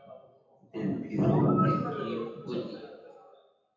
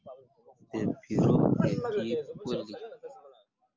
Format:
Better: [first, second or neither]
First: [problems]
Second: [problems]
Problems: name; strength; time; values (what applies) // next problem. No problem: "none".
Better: second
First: background sound (Animal); 7 dB below the speech // room echo; dies away in 0.9 s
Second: none